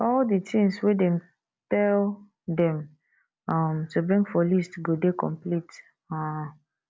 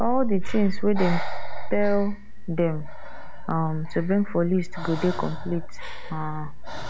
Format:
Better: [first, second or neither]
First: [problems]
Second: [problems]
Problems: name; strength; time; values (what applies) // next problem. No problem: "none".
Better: first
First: none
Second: background sound (Breathing); 1 dB above the speech